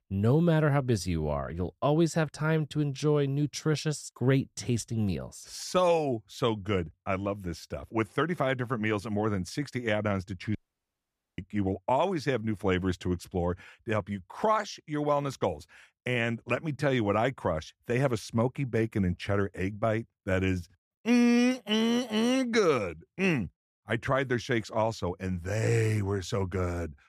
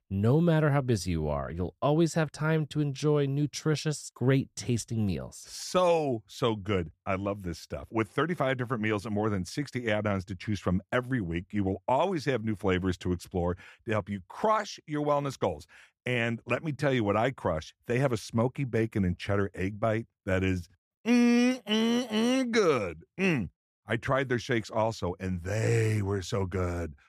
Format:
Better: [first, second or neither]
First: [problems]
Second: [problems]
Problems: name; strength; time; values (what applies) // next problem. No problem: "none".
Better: second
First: audio cutting out; at 11 s for 1 s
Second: none